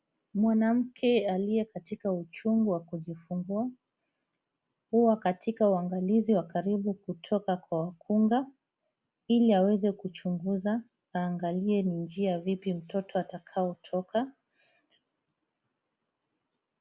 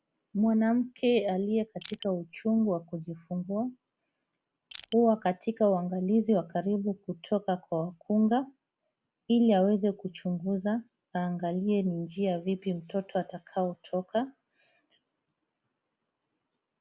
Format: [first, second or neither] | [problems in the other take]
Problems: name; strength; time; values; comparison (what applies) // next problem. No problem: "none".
first | background sound (Crushing); 18 dB below the speech